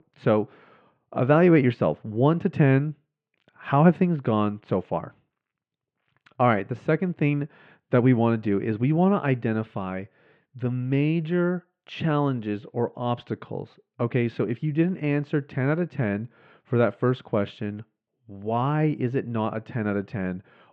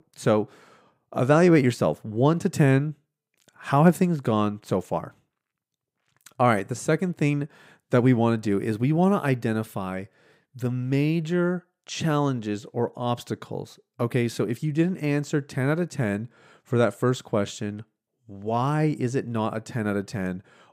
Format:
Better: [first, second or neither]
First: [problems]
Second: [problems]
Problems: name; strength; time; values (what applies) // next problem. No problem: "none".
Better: second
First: muffled; very; fading above 3 kHz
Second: none